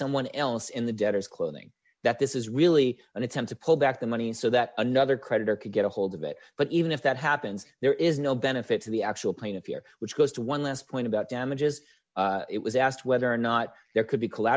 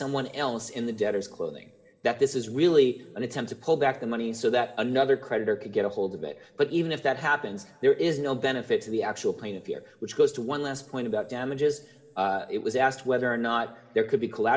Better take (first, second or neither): first